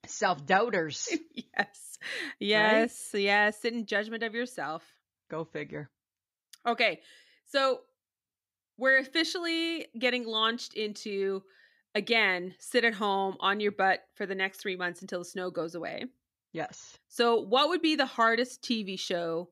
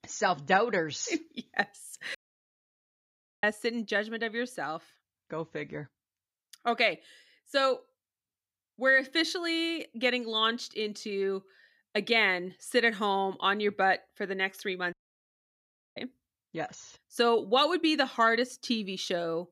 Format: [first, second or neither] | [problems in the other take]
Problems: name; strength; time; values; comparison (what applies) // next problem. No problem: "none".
first | audio cutting out; at 2 s for 1.5 s and at 15 s for 1 s